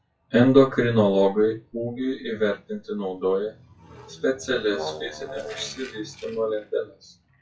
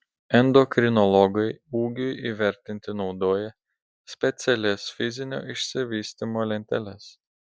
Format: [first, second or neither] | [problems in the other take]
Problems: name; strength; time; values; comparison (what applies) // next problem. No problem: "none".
second | noise reduction (classical method WPE with log-MMSE)